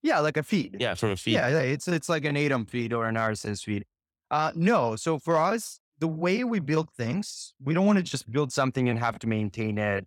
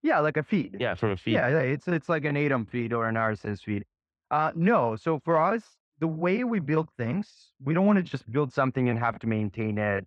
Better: first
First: none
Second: muffled; very; fading above 2 kHz

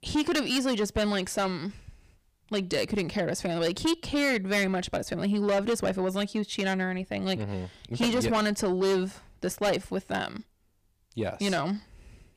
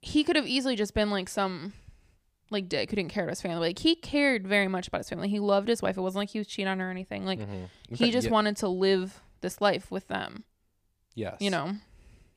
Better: second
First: distortion; heavy; 8 dB below the speech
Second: none

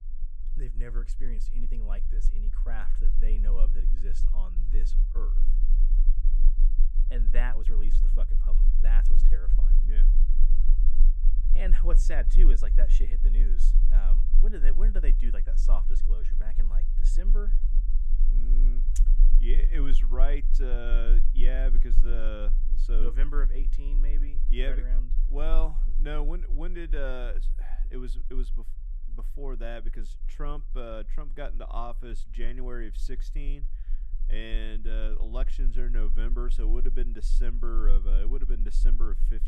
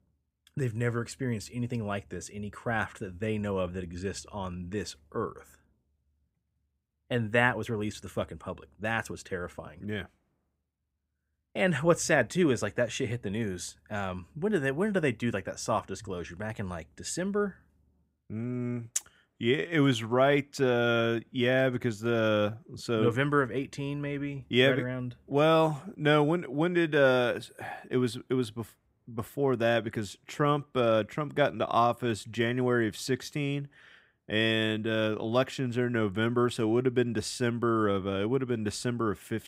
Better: second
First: low rumble; noticeable; throughout; 15 dB below the speech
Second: none

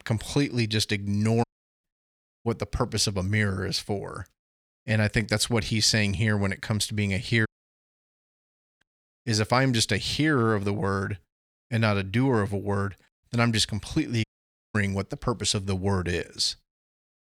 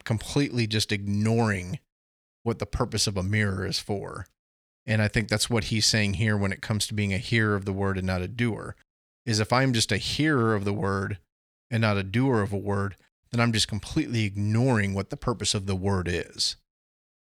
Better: second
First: audio cutting out; at 1.5 s, at 7.5 s for 1.5 s and at 14 s for 0.5 s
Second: none

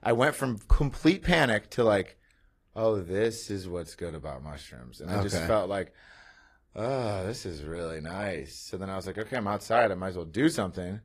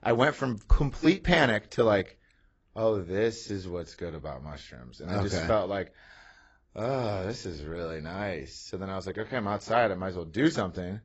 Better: first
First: garbled, watery; slightly; nothing above 14.5 kHz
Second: garbled, watery; badly; nothing above 7.5 kHz

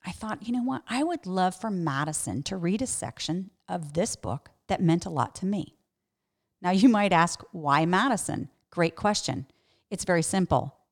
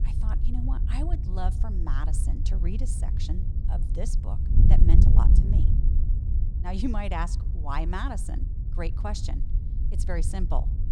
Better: first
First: none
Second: wind noise on the microphone; heavy; 6 dB below the speech

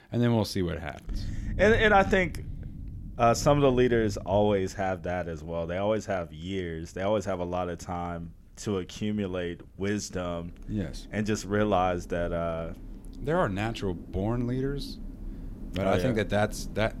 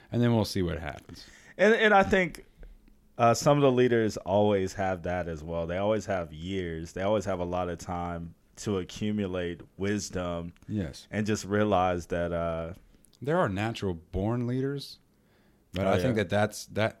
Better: second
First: rain or running water; noticeable; throughout; 15 dB below the speech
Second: none

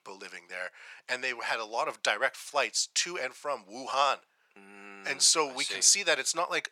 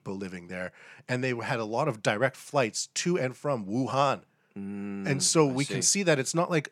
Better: second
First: thin; very; fading below 750 Hz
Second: none

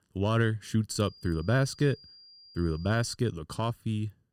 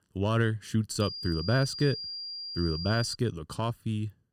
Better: first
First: high-pitched whine; faint; from 1 to 3 s; 5 kHz, 20 dB below the speech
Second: high-pitched whine; loud; from 1 to 3 s; 5 kHz, 6 dB below the speech

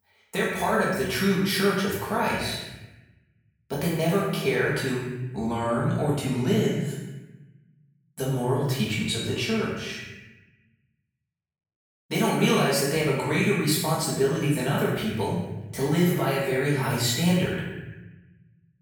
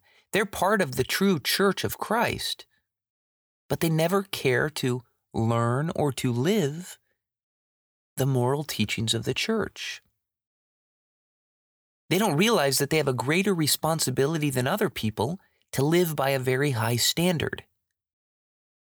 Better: second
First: off-mic speech; far // room echo; noticeable; dies away in 1.1 s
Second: none

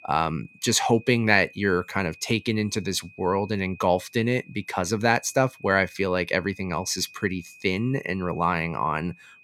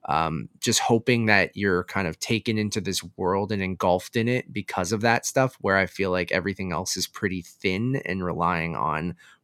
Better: second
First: high-pitched whine; faint; throughout; 2.5 kHz, 25 dB below the speech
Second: none

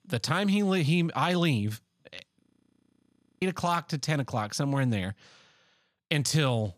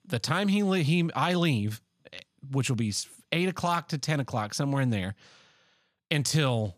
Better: second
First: audio freezing; at 2.5 s for 1 s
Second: none

